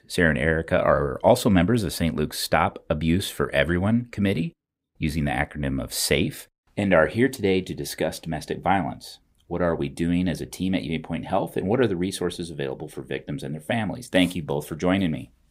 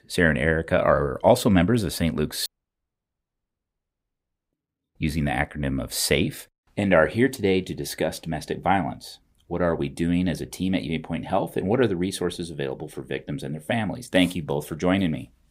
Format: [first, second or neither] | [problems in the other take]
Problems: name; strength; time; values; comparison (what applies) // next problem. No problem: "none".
first | audio cutting out; at 2.5 s for 2 s